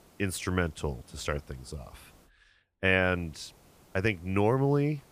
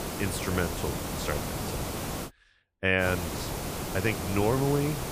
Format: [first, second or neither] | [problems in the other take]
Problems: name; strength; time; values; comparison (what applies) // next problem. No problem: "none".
first | hiss; loud; until 2.5 s and from 3 s on; 4 dB below the speech; faint in the first